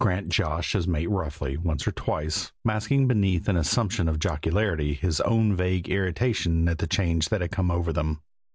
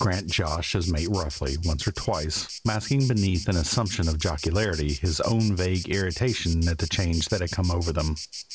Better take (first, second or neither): first